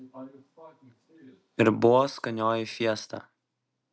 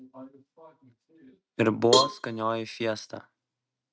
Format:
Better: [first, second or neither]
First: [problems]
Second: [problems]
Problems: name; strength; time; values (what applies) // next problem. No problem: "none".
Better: first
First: none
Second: noise reduction (neural mask model RNNoise)